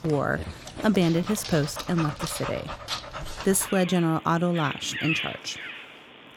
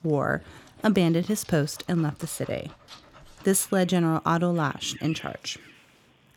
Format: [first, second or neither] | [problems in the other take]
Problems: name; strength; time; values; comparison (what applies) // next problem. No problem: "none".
second | animal sounds; loud; throughout; 8 dB below the speech; faint in the second